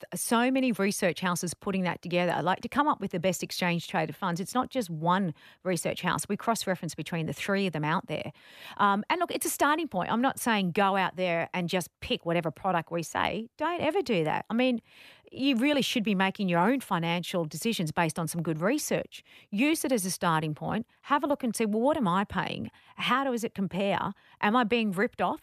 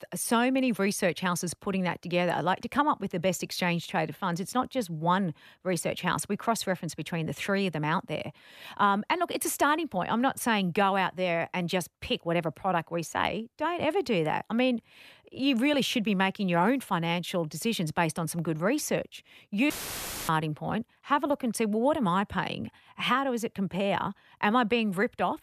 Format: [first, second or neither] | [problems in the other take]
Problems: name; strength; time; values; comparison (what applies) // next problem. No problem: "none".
first | audio cutting out; filled with static; at 20 s for 0.5 s